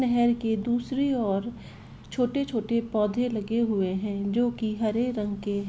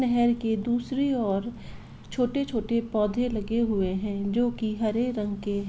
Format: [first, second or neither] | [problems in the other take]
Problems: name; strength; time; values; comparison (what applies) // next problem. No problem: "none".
first | background sound (Wind); 16 dB below the speech